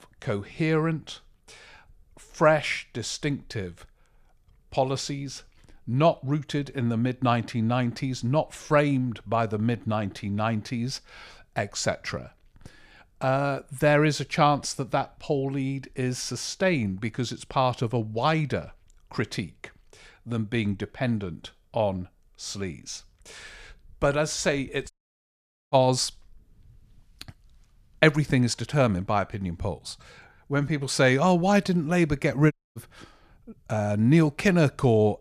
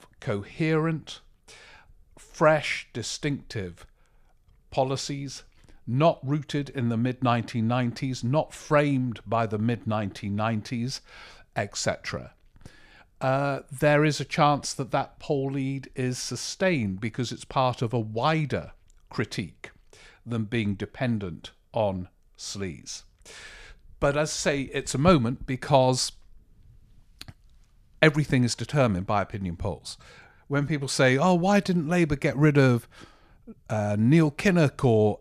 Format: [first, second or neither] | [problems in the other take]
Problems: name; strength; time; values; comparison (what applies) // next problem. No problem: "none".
second | audio cutting out; at 25 s for 1 s and at 33 s